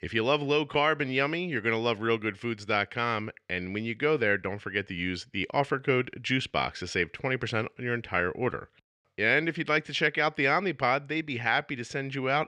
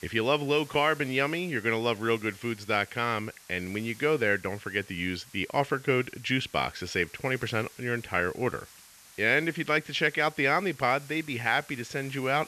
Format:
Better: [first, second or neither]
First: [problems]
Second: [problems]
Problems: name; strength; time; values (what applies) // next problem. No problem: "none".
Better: first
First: none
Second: hiss; faint; throughout; 20 dB below the speech